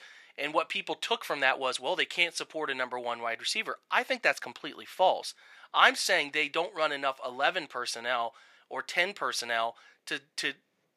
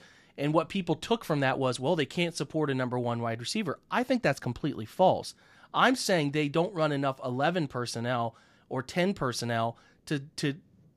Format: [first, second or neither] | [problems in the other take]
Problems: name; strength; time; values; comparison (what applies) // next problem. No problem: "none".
second | thin; very; fading below 600 Hz